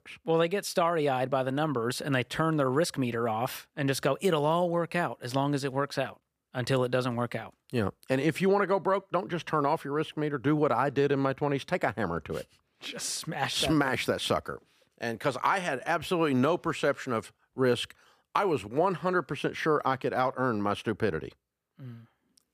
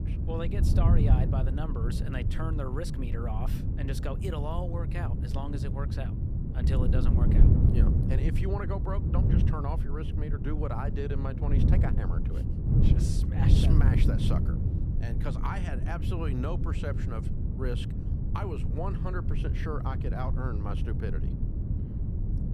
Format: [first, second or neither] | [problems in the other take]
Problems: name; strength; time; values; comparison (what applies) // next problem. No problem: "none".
first | wind noise on the microphone; heavy; 2 dB below the speech